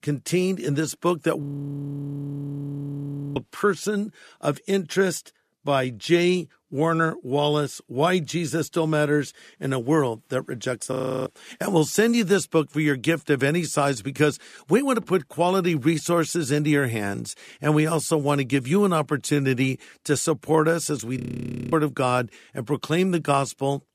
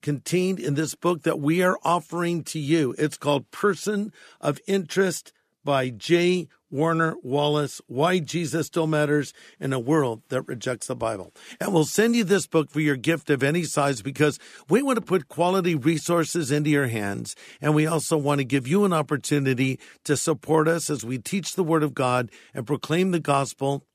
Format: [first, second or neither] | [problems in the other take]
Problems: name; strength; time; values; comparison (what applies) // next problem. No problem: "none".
second | audio freezing; at 1.5 s for 2 s, at 11 s and at 21 s for 0.5 s